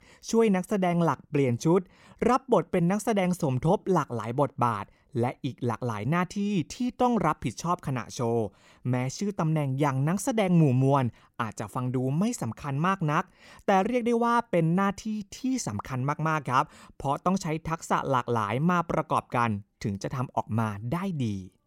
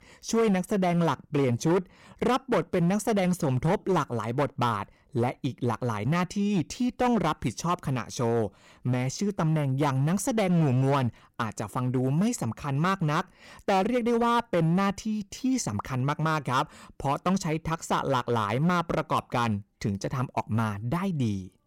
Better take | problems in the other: first | distortion; slight; 9% of the sound clipped

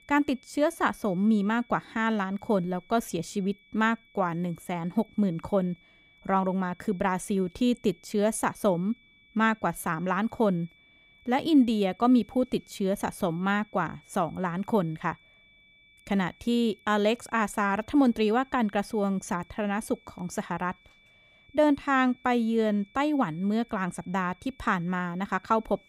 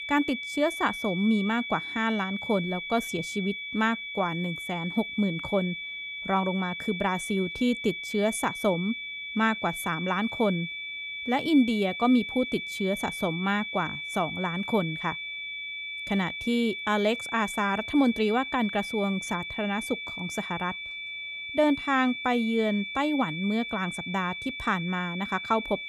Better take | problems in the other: first | high-pitched whine; loud; throughout; 2.5 kHz, 6 dB below the speech; faint in the first

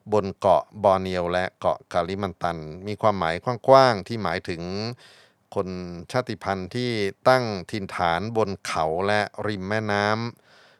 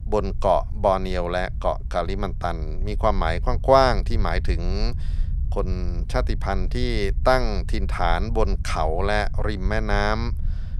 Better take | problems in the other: first | low rumble; faint; throughout; 25 dB below the speech

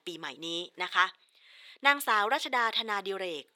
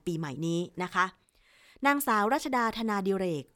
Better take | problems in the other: second | thin; very; fading below 500 Hz

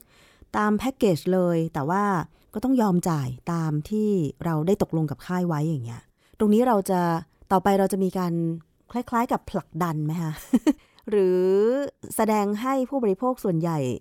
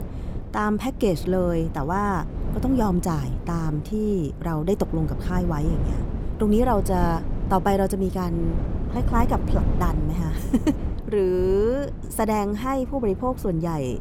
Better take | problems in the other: first | wind noise on the microphone; occasional gusts; 15 dB below the speech

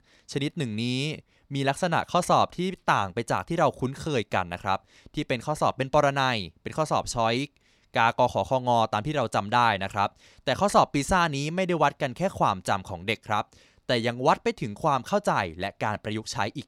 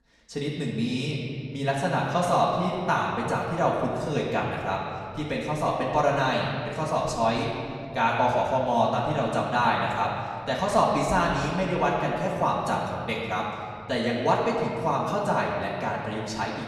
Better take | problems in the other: first | room echo; noticeable; dies away in 2.4 s // off-mic speech; far

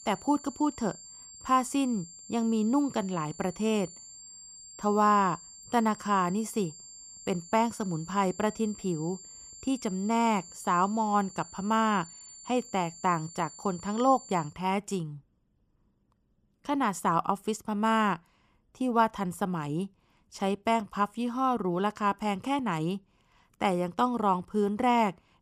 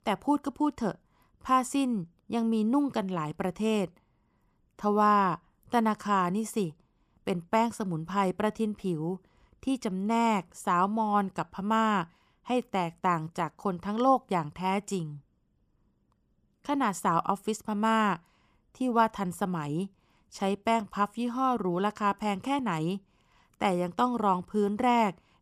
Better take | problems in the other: second | high-pitched whine; noticeable; until 14 s; 7.5 kHz, 15 dB below the speech

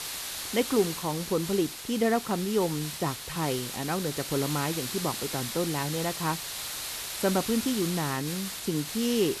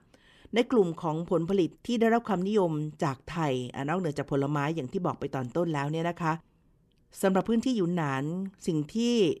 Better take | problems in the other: second | hiss; loud; throughout; 4 dB below the speech

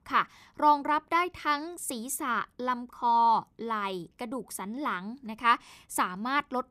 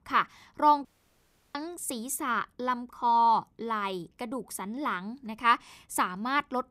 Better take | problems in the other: first | audio cutting out; at 1 s for 0.5 s

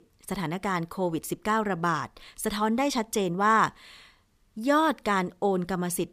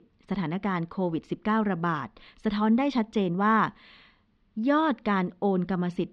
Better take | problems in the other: first | muffled; slightly; fading above 4 kHz

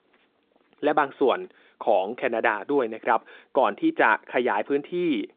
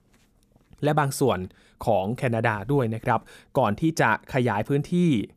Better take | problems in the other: second | phone-call audio

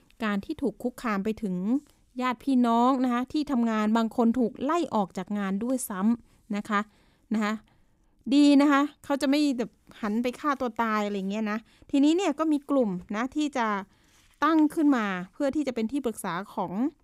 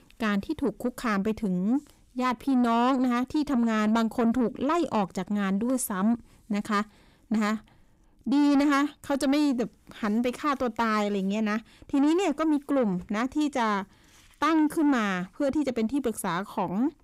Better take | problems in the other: first | distortion; slight; 10 dB below the speech

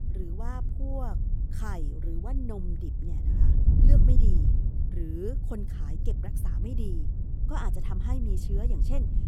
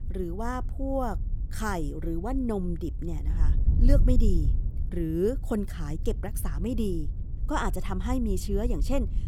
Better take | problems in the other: second | wind noise on the microphone; heavy; 3 dB below the speech; occasional gusts in the second

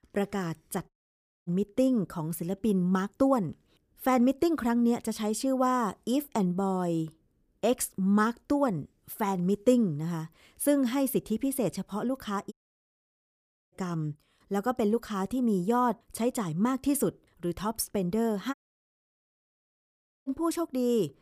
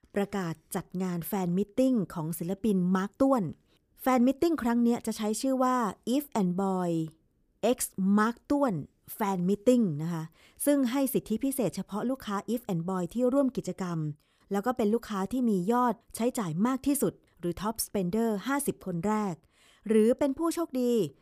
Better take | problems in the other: second | audio cutting out; at 1 s for 0.5 s, at 13 s for 1 s and at 19 s for 1.5 s

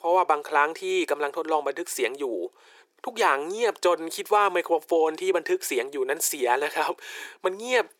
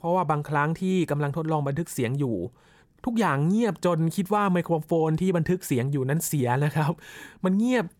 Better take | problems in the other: second | thin; very; fading below 350 Hz

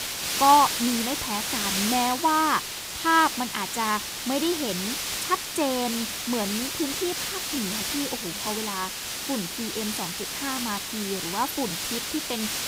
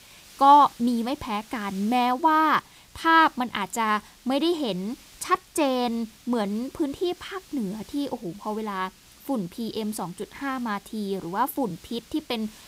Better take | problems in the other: second | hiss; loud; throughout; 1 dB below the speech; faint in the second

